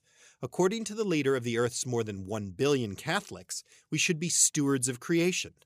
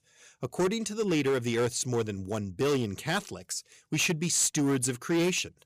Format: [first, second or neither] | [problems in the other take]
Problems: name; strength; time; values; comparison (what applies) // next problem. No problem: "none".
first | distortion; slight; 9% of the sound clipped